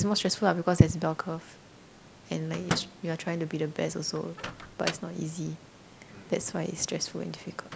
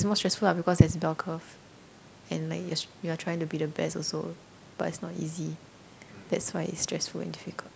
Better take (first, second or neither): second